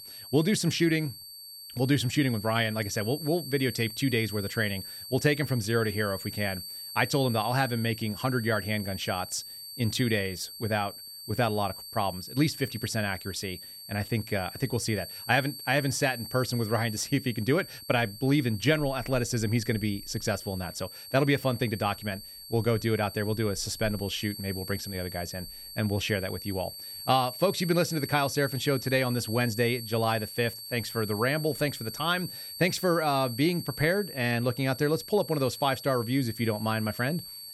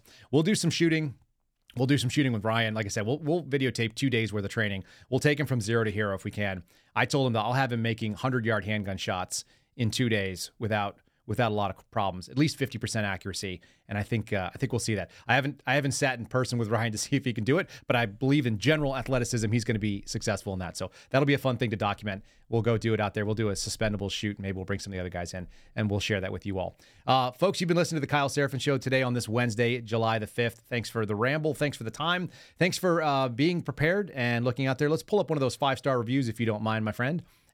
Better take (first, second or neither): second